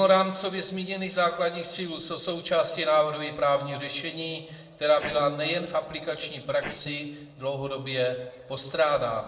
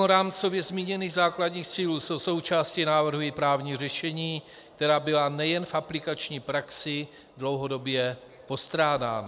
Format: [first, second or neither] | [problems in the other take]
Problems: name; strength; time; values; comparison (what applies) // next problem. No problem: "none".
second | noise reduction (neural separator model SepFormer DNS4)